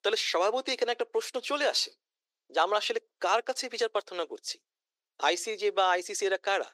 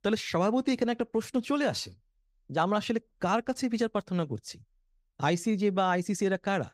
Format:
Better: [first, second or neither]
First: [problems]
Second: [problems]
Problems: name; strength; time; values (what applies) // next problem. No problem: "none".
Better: second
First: thin; very; fading below 350 Hz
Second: none